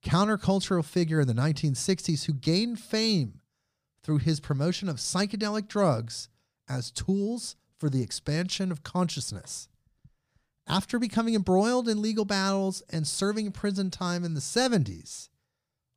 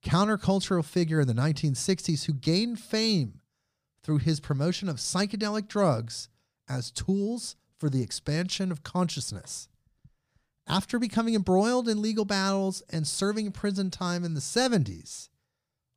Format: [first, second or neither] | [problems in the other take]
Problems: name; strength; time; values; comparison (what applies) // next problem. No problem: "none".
neither | none